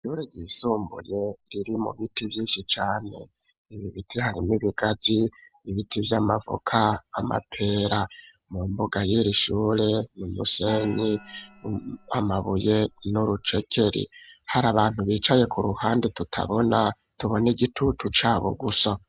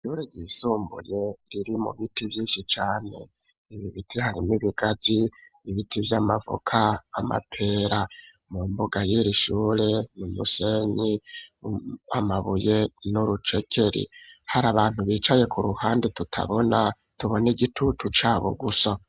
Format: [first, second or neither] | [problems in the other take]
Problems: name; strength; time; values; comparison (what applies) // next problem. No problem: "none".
second | background sound (Gong); 18 dB below the speech